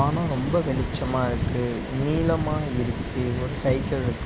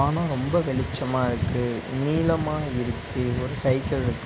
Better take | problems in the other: second | background sound (Thunder / Rain); 7 dB below the speech

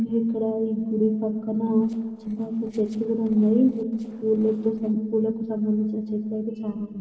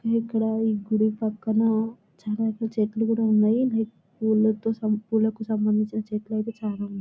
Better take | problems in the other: second | noise reduction (neural separator model SepFormer DNS4)

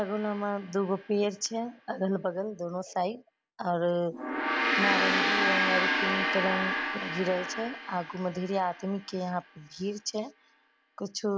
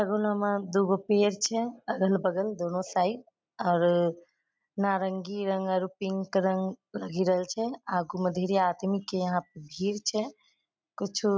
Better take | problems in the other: second | background sound (Gong); 1 dB below the speech

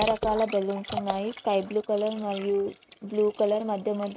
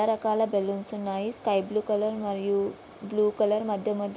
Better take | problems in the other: second | noise reduction (neural mask model RNNoise)

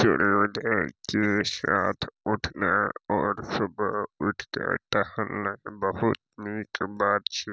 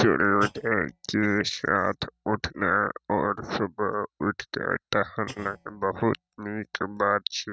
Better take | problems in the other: first | noise reduction (neural mask model RNNoise)

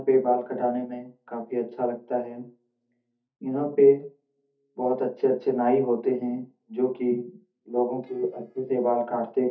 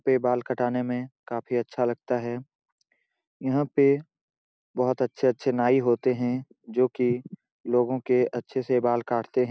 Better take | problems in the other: second | noise reduction (neural mask model DeepFilterNet 3)

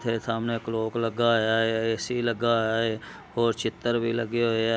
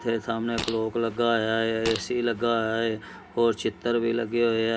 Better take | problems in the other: first | background sound (Fart); 12 dB below the speech // room echo; dies away in 0.3 s

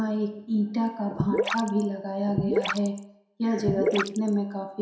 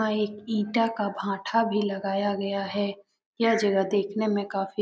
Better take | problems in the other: second | background sound (Gurgling / Liquid); 1 dB below the speech // room echo; dies away in 0.7 s

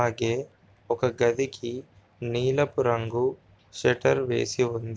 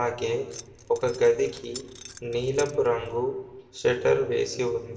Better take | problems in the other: first | background sound (Keys jangling); 18 dB below the speech // room echo; dies away in 0.8 s

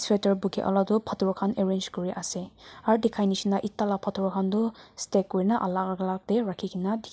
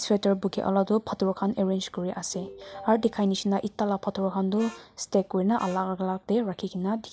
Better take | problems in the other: first | background sound (Harmonica + Ringtone); 19 dB below the speech

